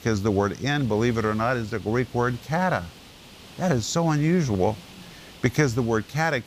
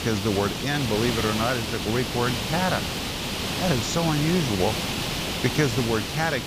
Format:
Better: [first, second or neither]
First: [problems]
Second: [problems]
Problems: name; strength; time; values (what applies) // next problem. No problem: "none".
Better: first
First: hiss; faint; throughout; 20 dB below the speech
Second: hiss; loud; throughout; 2 dB below the speech